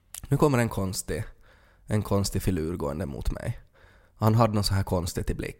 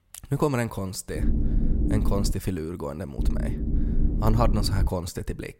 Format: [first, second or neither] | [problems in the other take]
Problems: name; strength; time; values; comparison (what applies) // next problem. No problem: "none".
first | low rumble; loud; from 1 to 2.5 s and from 3 to 5 s; 7 dB below the speech